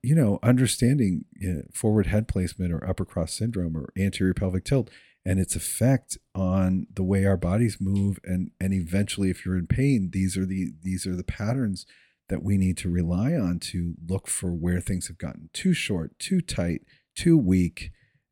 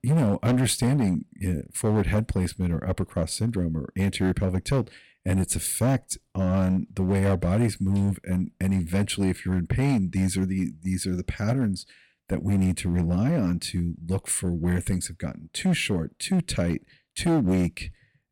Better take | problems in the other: first | distortion; slight; 9% of the sound clipped

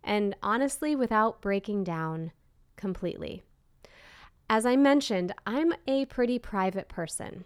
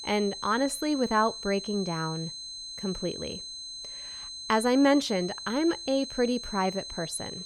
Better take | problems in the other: first | high-pitched whine; loud; throughout; 4 kHz, 9 dB below the speech

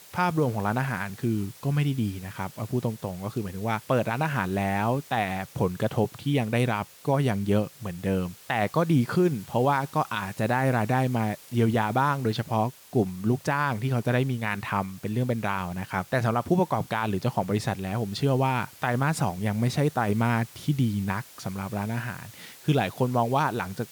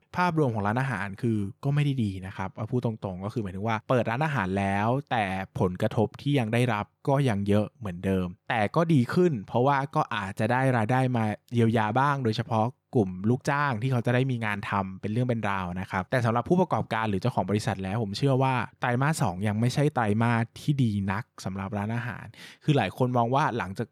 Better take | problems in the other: second | hiss; faint; throughout; 20 dB below the speech

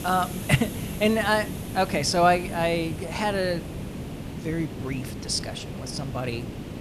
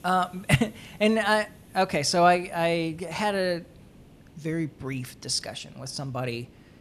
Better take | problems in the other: second | hiss; loud; throughout; 9 dB below the speech; faint in the second

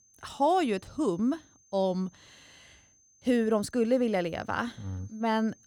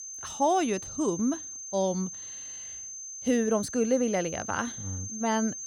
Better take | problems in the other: first | high-pitched whine; loud; throughout; 6.5 kHz, 8 dB below the speech; faint in the first

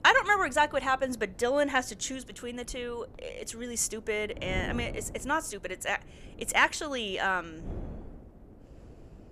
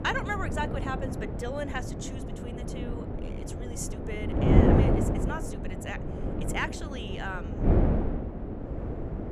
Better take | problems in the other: first | wind noise on the microphone; heavy; as loud as the speech; occasional gusts in the first

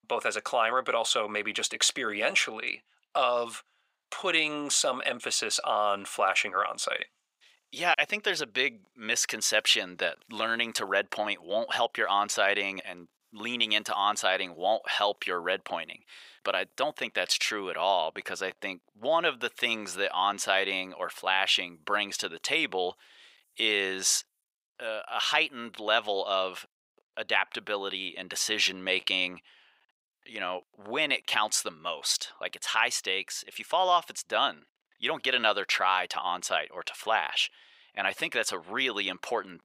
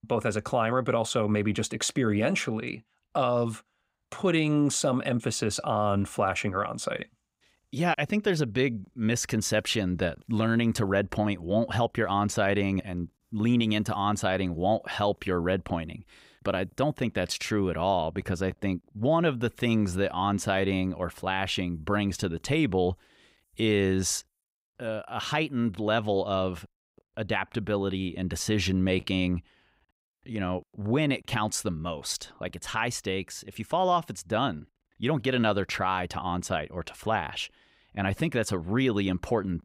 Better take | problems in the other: second | thin; very; fading below 650 Hz

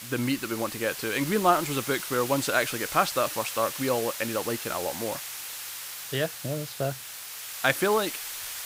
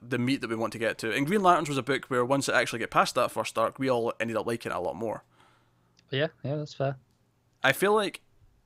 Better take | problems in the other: second | hiss; loud; throughout; 7 dB below the speech

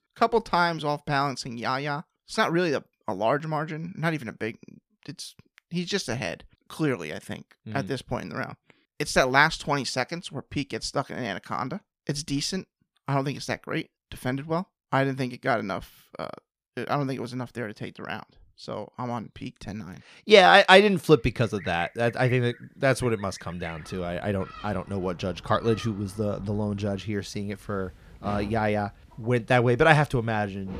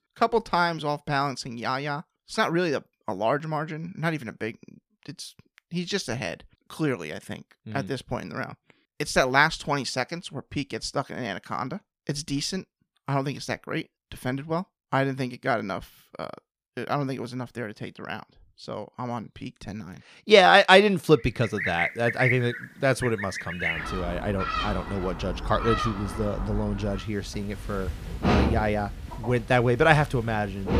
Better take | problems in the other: first | animal sounds; loud; from 21 s on; 5 dB below the speech; faint in the first

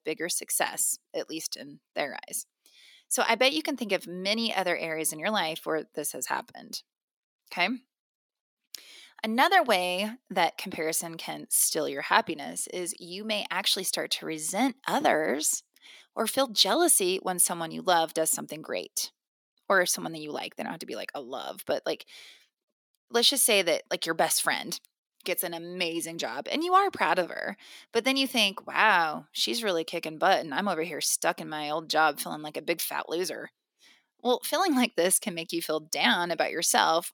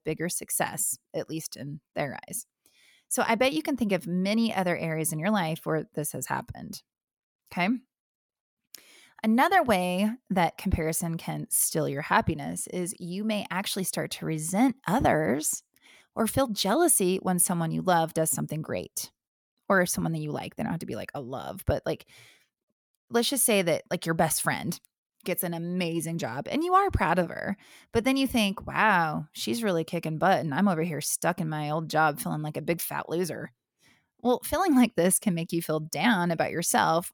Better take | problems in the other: second | thin; somewhat; fading below 300 Hz

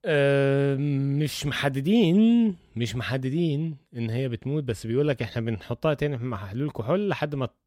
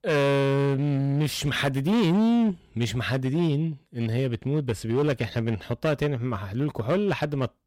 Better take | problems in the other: first | distortion; slight; 12% of the sound clipped

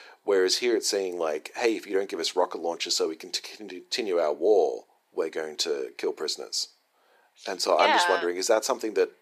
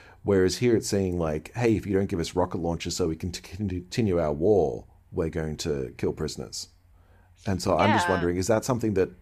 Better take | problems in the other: second | thin; very; fading below 350 Hz

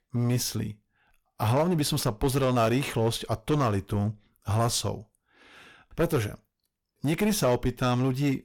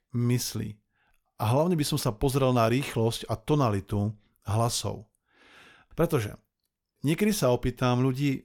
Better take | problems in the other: second | distortion; slight; 7% of the sound clipped

